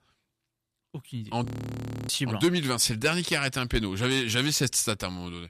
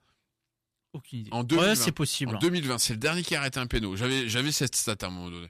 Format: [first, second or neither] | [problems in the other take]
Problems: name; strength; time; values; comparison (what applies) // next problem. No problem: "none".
second | audio freezing; at 1.5 s for 0.5 s